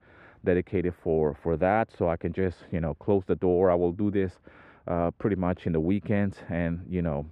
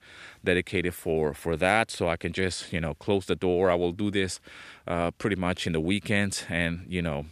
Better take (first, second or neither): second